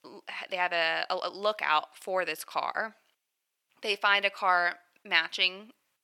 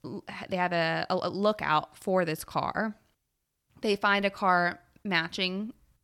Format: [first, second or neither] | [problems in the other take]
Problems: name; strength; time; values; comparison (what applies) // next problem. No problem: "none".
second | thin; very; fading below 550 Hz